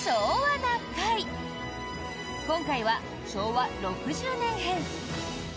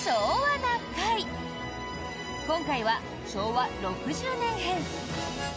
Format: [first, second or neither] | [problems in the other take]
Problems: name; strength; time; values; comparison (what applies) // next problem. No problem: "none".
first | background sound (Harmonica); 17 dB below the speech